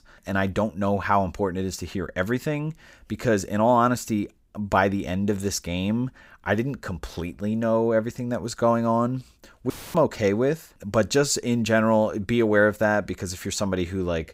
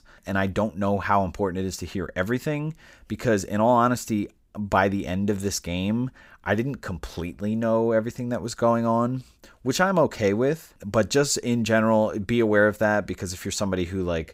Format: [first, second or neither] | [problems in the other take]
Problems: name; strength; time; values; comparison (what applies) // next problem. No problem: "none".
second | audio cutting out; filled with static; at 9.5 s